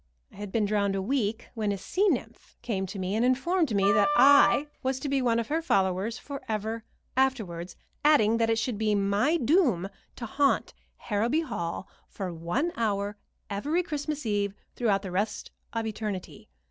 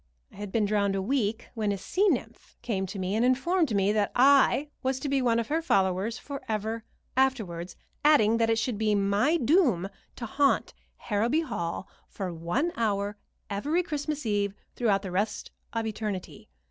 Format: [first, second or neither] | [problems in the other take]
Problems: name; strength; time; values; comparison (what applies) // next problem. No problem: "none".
second | background sound (Wind instrument, woodwind instrument); 2 dB below the speech